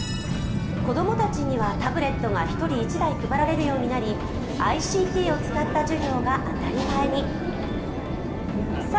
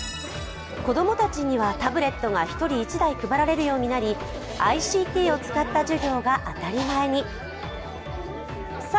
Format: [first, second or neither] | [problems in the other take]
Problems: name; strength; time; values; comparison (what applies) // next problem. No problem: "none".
second | background sound (Subway, metro, underground); 1 dB below the speech // room echo; dies away in 1.7 s